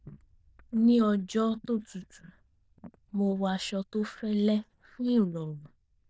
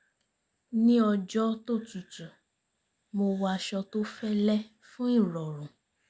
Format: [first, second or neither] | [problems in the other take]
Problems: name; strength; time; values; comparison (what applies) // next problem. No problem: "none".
second | noise reduction (neural diffusion model UNIVERSE++)